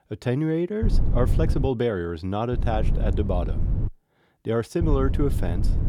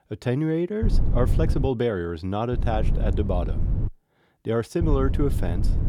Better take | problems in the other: neither | low rumble; noticeable; at 1 s, from 2.5 to 4 s and from 5 s on; 10 dB below the speech; the same in both

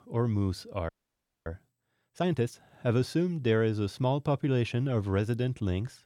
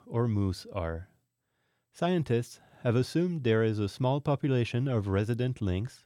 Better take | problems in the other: second | audio freezing; at 1 s for 0.5 s

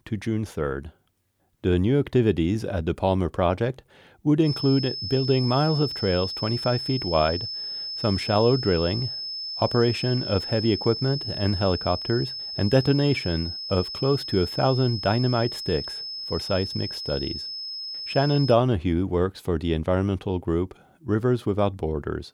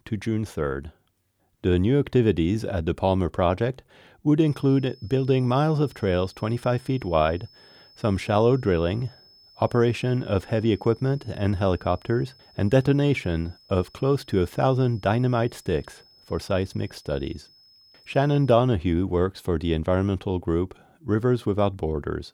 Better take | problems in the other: second | high-pitched whine; loud; from 4.5 to 19 s; 5 kHz, 6 dB below the speech; faint in the second

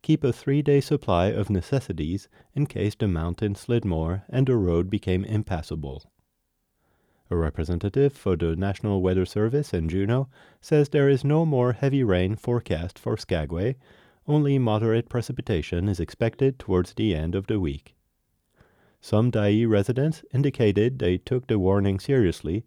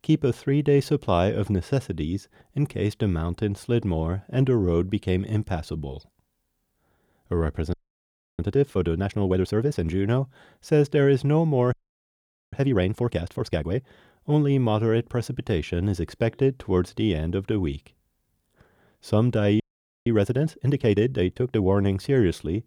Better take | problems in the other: first | audio freezing; at 7.5 s for 0.5 s, at 12 s for 1 s and at 20 s

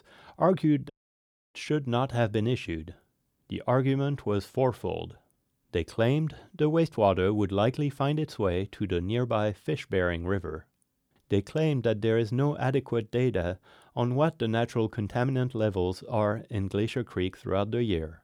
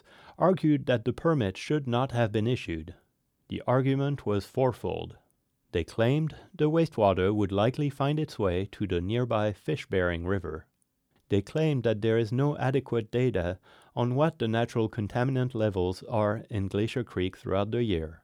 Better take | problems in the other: second | audio cutting out; at 1 s for 0.5 s

